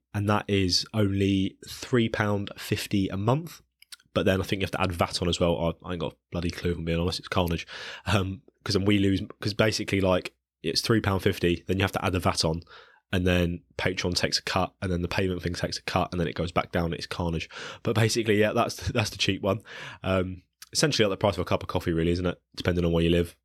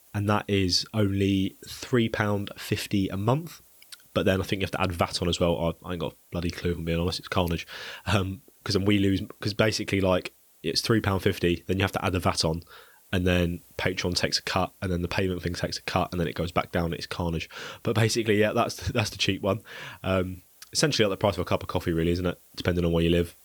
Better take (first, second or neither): first